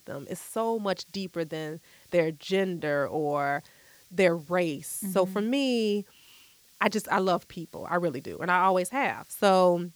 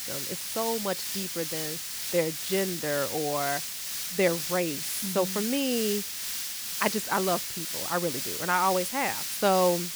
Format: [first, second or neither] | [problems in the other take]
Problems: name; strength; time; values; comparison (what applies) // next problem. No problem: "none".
first | hiss; loud; throughout; 2 dB below the speech; faint in the first